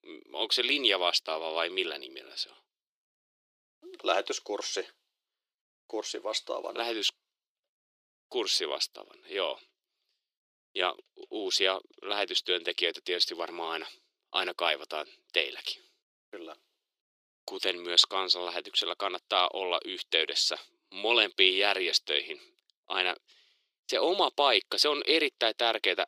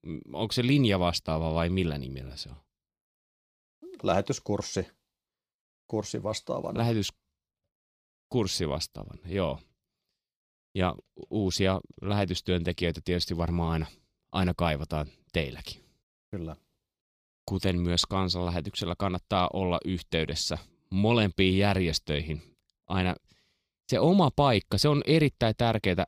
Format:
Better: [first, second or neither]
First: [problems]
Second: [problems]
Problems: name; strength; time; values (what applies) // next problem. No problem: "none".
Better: second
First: thin; very; fading below 350 Hz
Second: none